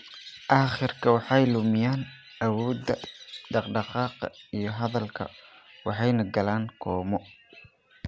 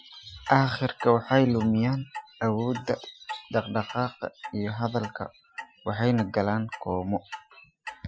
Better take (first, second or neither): first